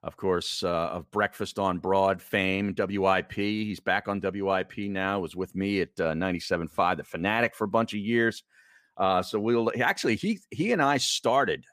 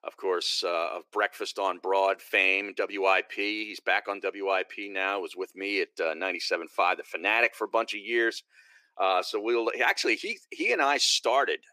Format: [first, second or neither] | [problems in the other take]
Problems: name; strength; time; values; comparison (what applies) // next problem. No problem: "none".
first | thin; very; fading below 350 Hz